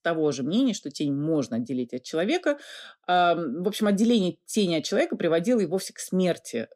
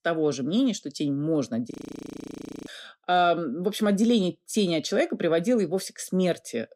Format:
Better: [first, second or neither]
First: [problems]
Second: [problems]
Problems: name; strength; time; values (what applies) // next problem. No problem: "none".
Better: first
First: none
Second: audio freezing; at 1.5 s for 1 s